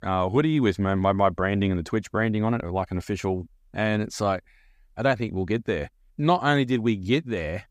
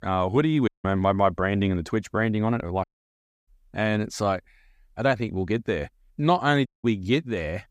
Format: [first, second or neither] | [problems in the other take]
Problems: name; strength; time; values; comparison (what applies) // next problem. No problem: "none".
first | audio cutting out; at 0.5 s, at 3 s for 0.5 s and at 6.5 s